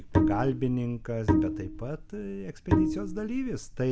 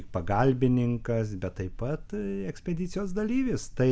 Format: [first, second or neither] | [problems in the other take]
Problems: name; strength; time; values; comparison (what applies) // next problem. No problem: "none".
second | background sound (Bowed string instrument); 3 dB above the speech